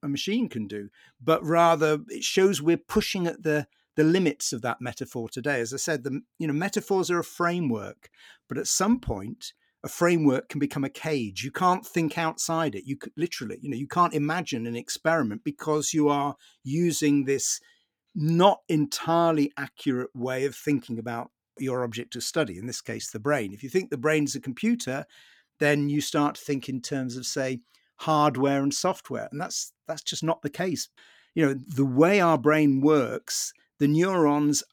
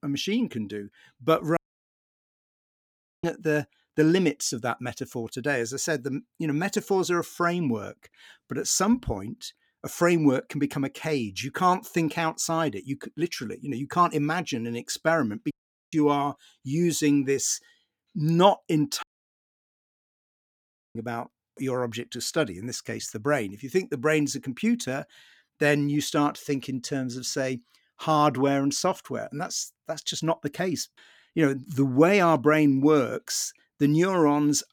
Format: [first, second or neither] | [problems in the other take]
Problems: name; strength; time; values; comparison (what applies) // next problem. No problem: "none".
first | audio cutting out; at 1.5 s for 1.5 s, at 16 s and at 19 s for 2 s